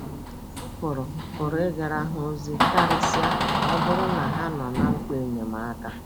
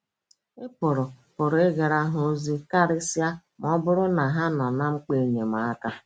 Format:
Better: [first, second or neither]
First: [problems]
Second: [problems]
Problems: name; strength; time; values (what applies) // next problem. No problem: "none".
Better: second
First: background sound (Door); 3 dB above the speech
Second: none